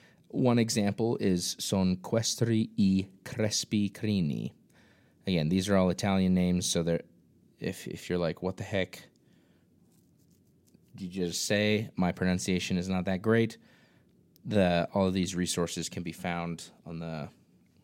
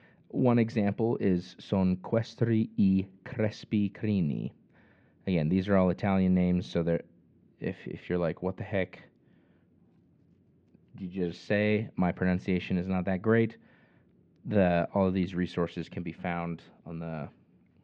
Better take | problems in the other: first | muffled; very; fading above 2.5 kHz

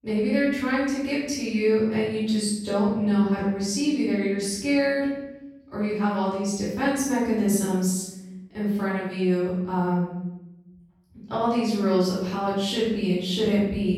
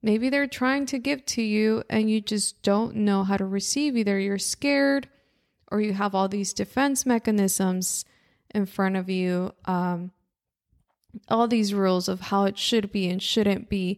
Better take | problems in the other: second | room echo; strong; dies away in 1 s // off-mic speech; far

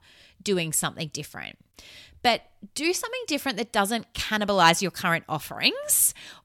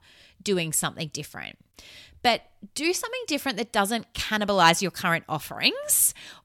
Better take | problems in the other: neither | none

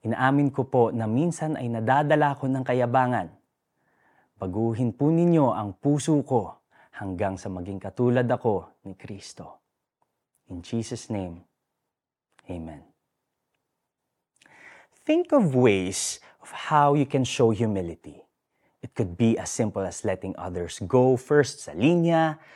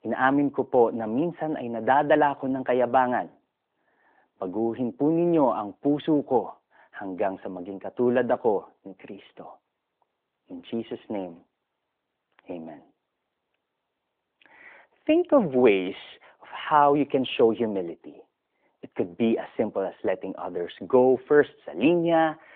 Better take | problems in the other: first | phone-call audio

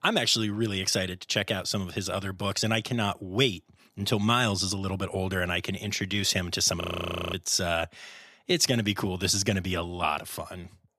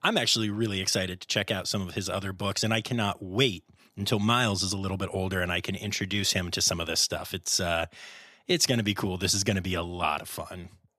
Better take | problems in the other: second | audio freezing; at 7 s for 0.5 s

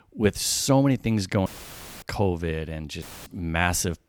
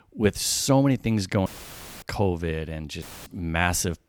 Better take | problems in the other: neither | audio cutting out; filled with static; at 1.5 s for 0.5 s and at 3 s; the same in both

